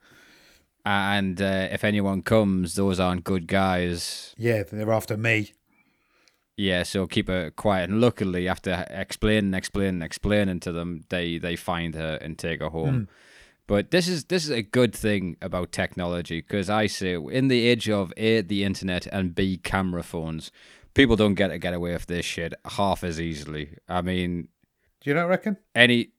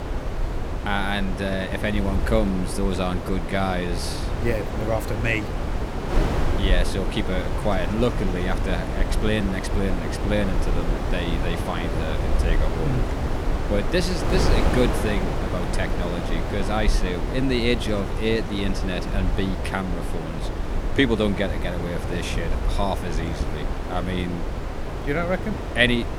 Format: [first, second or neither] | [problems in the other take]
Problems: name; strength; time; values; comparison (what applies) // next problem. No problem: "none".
first | wind noise on the microphone; heavy; 4 dB below the speech